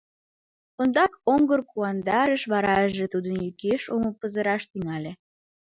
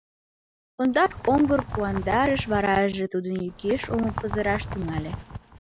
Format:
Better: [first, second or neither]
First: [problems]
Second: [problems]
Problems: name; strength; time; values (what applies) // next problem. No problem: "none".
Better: first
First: none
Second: background sound (Bird); 9 dB below the speech